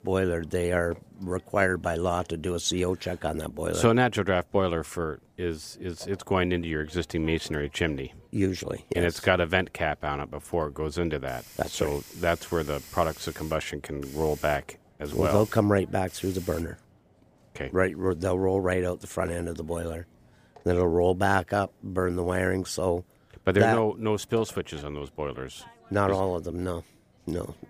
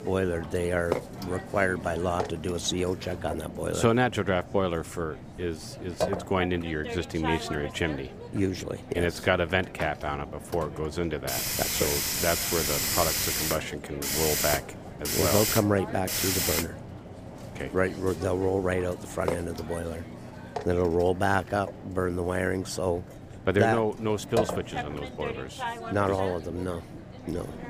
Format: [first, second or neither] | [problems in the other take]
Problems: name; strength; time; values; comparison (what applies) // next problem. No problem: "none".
first | hiss; loud; throughout; 3 dB below the speech; faint in the first